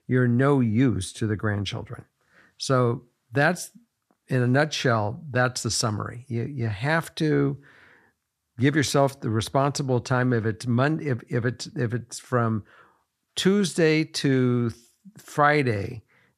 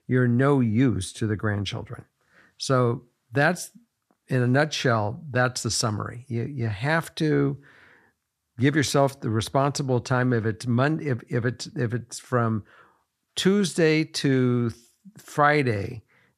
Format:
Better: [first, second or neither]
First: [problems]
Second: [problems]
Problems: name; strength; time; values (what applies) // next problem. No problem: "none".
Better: neither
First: none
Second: none